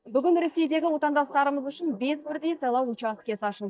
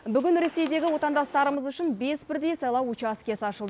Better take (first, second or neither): second